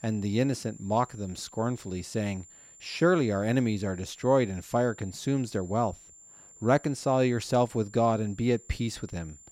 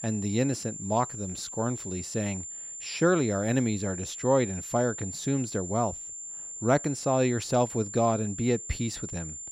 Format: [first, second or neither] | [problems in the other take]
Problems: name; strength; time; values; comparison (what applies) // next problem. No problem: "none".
first | high-pitched whine; loud; throughout; 7 kHz, 8 dB below the speech; faint in the first